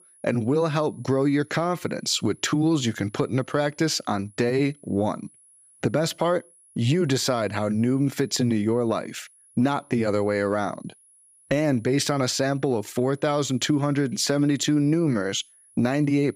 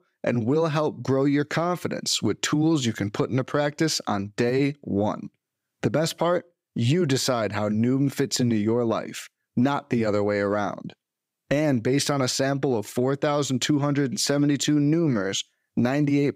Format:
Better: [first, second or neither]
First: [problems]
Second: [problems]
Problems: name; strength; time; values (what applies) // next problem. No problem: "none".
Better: second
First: high-pitched whine; faint; throughout; 10.5 kHz, 30 dB below the speech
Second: none